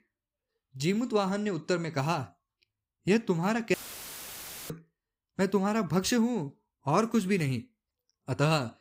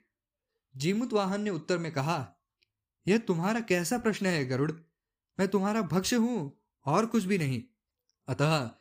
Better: second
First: audio cutting out; filled with static; at 3.5 s for 1 s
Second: none

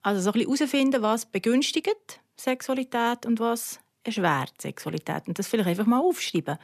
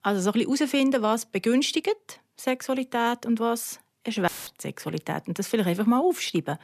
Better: first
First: none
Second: audio cutting out; filled with static; at 4.5 s

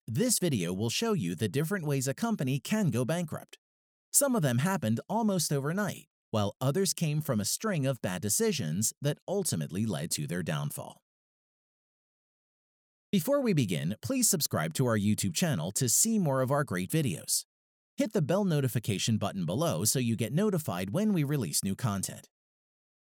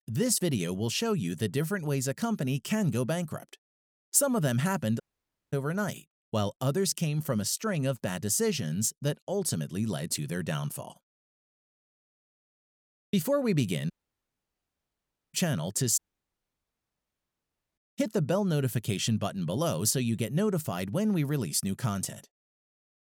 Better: first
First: none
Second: audio cutting out; at 5 s for 0.5 s, at 14 s for 1.5 s and at 16 s for 2 s

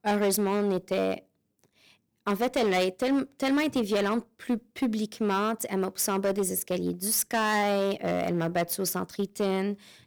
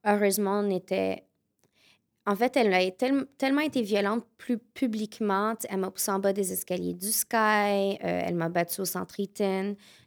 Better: second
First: distortion; slight; 8% of the sound clipped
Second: none

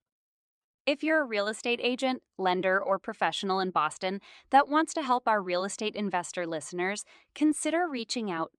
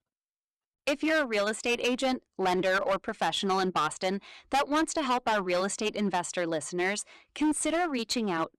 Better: first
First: none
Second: distortion; heavy; 12% of the sound clipped

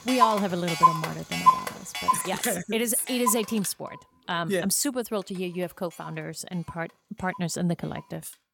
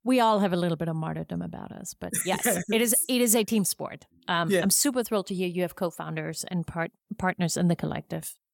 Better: second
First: household noises; very loud; throughout; 3 dB above the speech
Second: none

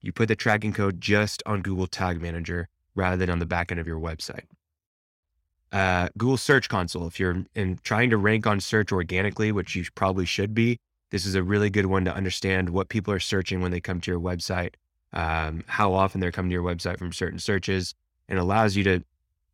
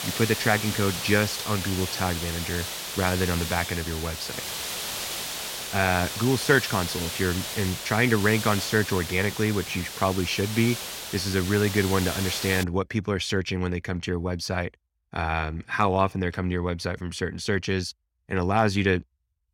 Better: first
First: none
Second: hiss; loud; until 13 s; 5 dB below the speech

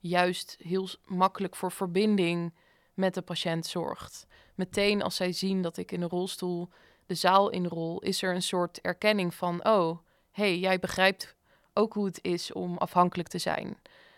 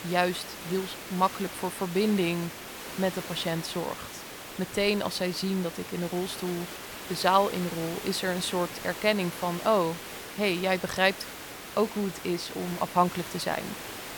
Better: first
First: none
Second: hiss; loud; throughout; 10 dB below the speech

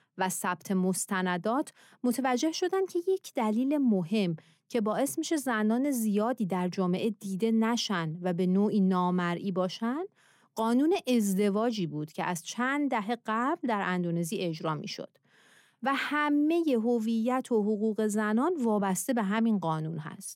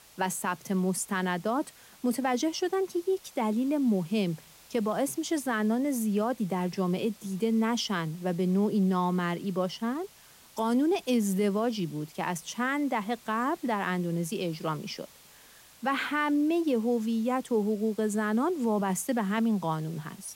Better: first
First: none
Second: hiss; faint; throughout; 25 dB below the speech

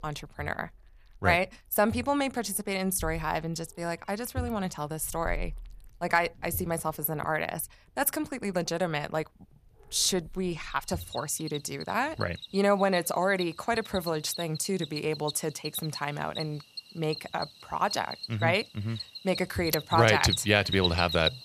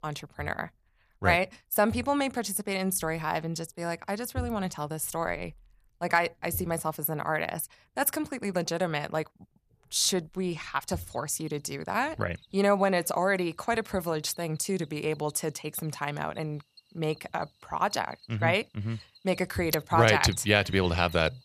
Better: second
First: animal sounds; loud; throughout; 9 dB below the speech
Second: animal sounds; faint; throughout; 25 dB below the speech

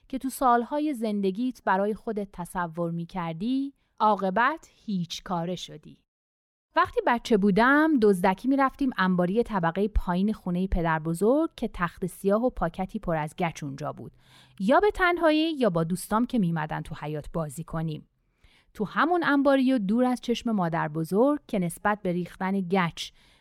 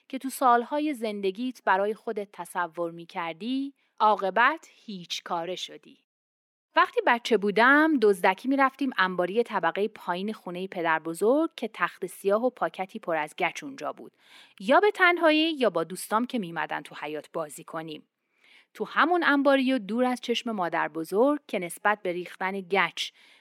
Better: first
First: none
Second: thin; very slightly; fading below 250 Hz

